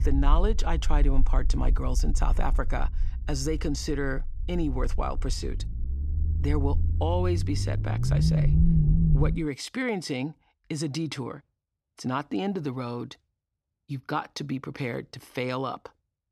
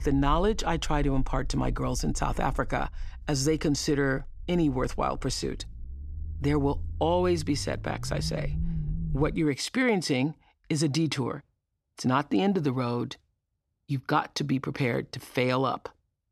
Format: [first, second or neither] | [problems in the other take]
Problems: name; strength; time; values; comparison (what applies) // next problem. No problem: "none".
second | low rumble; loud; until 9.5 s; 6 dB below the speech; faint in the second